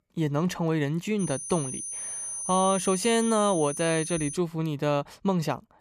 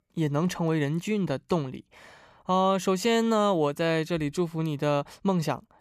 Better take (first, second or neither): second